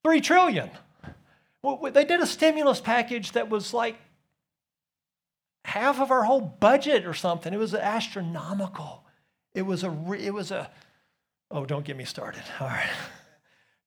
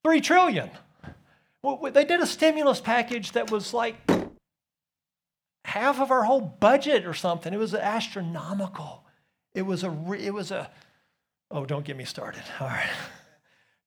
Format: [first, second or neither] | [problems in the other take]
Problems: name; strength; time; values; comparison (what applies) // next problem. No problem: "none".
first | door banging; noticeable; at 3.5 s; peak 1 dB below the speech